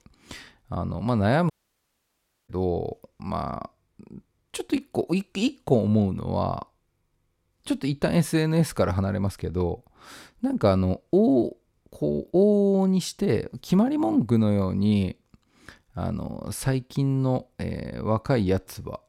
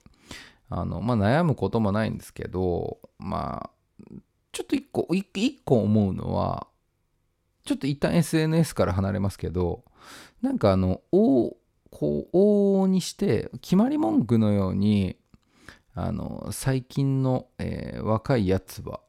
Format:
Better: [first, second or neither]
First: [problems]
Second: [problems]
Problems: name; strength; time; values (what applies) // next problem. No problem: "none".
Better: second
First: audio cutting out; at 1.5 s for 1 s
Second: none